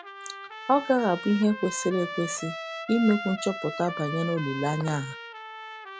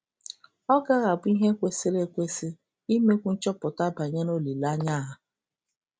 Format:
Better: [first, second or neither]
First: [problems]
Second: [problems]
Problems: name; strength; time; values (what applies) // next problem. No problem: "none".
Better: second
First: background sound (Trumpet); 10 dB below the speech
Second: none